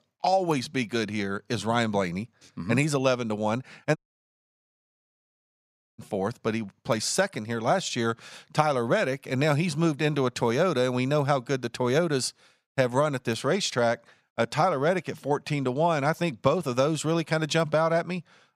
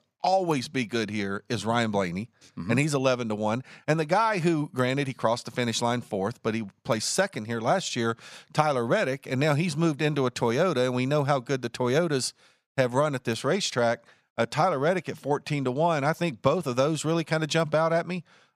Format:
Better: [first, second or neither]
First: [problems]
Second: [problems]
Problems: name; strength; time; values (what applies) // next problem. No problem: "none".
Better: second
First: audio cutting out; at 4 s for 2 s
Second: none